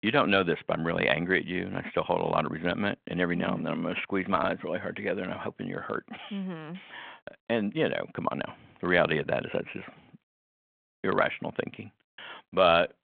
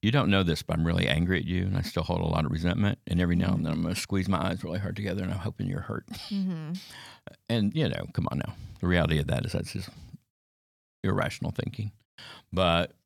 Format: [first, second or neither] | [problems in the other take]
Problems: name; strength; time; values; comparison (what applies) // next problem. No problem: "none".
second | phone-call audio